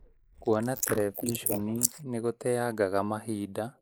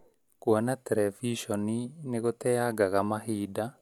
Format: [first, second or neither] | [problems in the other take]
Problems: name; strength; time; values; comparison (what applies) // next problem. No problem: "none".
second | noise reduction (neural mask model Resemble Enhance denoiser)